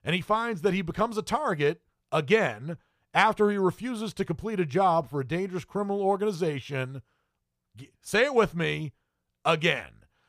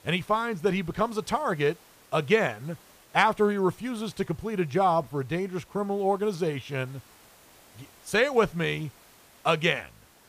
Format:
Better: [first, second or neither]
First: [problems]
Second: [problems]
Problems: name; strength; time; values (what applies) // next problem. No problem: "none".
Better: first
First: none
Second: hiss; faint; throughout; 25 dB below the speech